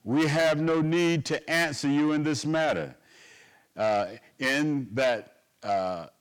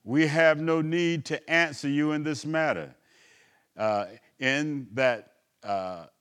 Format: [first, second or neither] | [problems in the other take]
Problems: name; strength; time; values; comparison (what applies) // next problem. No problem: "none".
second | distortion; heavy; 7 dB below the speech